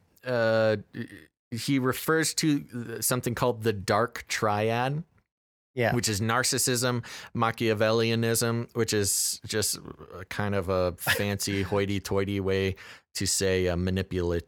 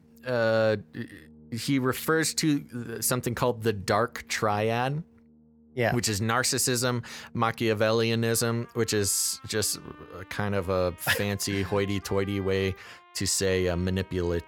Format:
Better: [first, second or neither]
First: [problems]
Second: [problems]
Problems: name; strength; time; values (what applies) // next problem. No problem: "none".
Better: first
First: none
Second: background music; faint; throughout; 25 dB below the speech